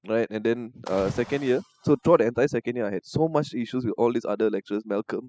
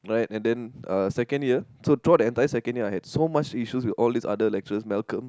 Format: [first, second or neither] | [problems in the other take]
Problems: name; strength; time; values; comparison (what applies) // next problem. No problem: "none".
second | noise reduction (classical method spectral subtraction)